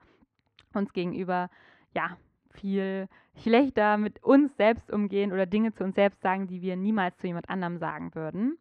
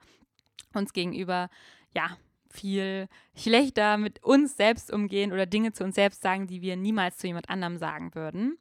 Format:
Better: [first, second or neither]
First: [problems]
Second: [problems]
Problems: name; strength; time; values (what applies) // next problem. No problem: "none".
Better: second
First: muffled; very; fading above 2 kHz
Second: none